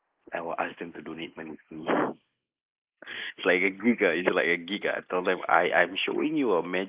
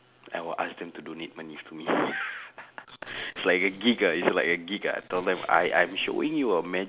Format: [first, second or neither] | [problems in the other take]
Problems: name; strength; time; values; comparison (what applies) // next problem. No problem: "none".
second | noise reduction (neural mask model Resemble Enhance denoiser)